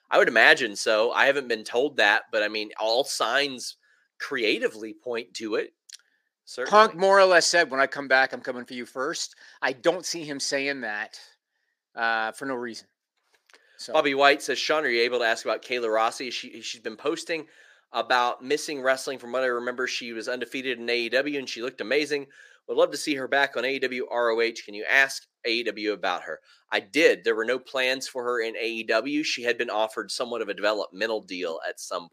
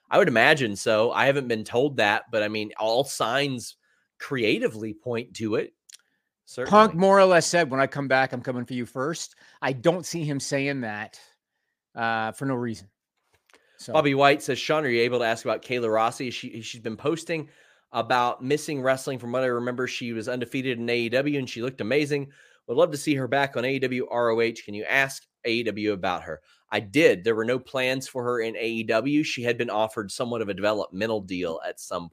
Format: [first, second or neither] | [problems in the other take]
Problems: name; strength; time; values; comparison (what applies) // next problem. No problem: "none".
second | thin; somewhat; fading below 350 Hz